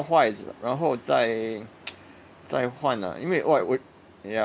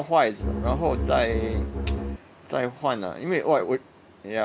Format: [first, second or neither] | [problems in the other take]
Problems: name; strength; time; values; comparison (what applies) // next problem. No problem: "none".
first | background sound (Bowed string instrument); 1 dB below the speech